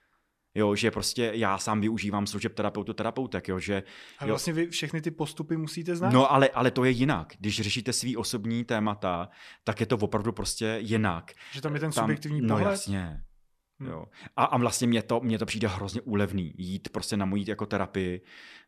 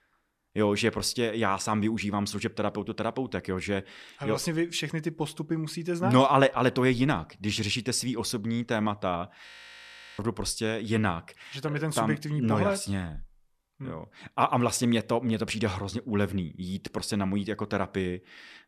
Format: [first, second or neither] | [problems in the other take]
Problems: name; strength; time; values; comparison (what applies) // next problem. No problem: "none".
first | audio freezing; at 9.5 s for 0.5 s